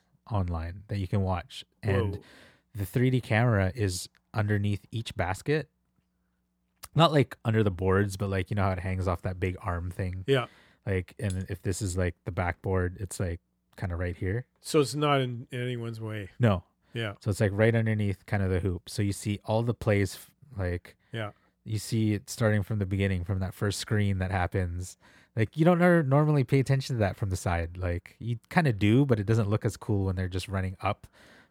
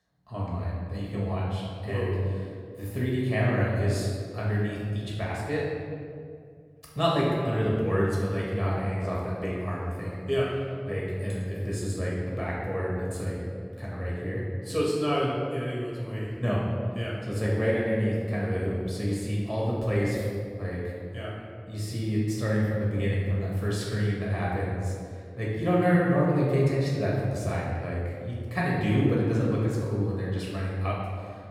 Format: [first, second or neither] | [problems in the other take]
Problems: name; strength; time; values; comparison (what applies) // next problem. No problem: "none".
first | off-mic speech; far // room echo; noticeable; dies away in 1.9 s